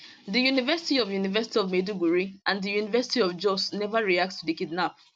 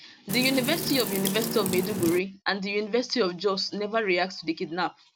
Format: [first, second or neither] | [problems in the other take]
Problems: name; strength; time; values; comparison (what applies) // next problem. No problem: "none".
first | background sound (Wind); 4 dB below the speech